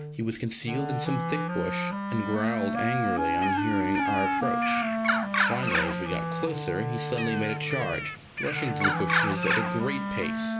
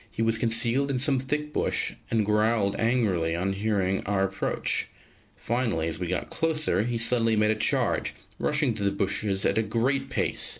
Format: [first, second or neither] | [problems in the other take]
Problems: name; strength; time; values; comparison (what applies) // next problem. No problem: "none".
second | background sound (Bird + Wind instrument, woodwind instrument); 3 dB above the speech